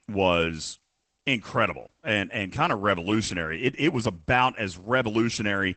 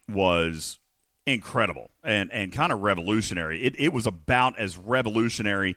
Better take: second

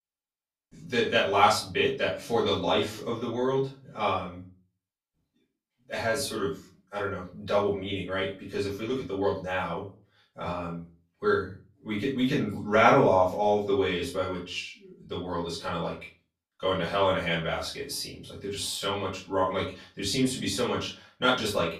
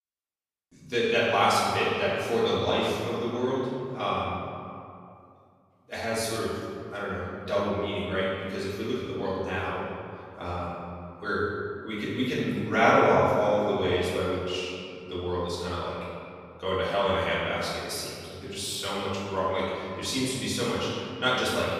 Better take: first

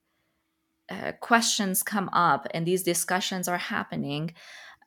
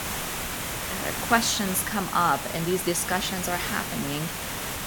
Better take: first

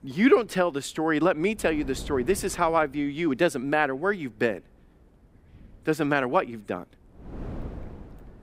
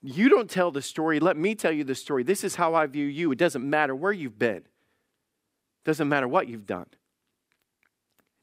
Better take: second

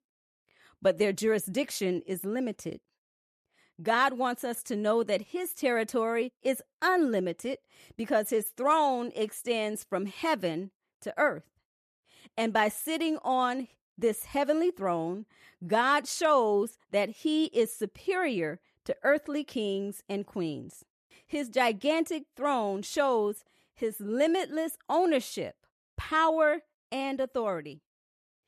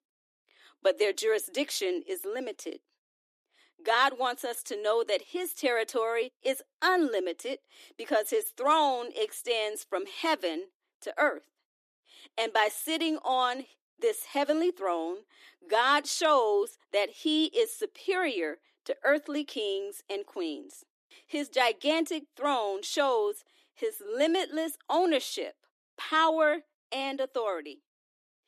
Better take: first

